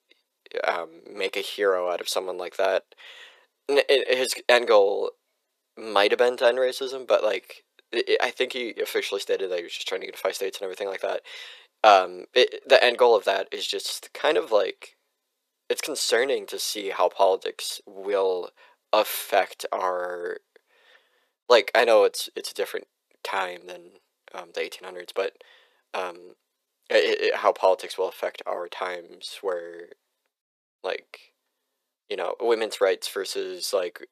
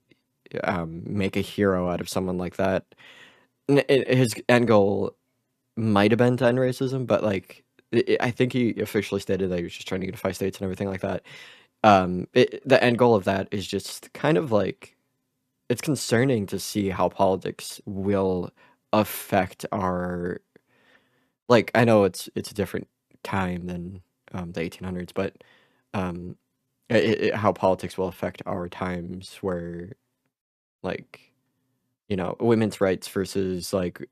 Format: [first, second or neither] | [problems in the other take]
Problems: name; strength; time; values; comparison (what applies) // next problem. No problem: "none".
second | thin; very; fading below 450 Hz